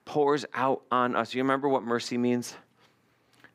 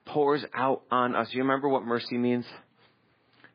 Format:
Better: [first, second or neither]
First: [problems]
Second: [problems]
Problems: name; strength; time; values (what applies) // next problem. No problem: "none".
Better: first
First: none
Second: garbled, watery; badly; nothing above 4.5 kHz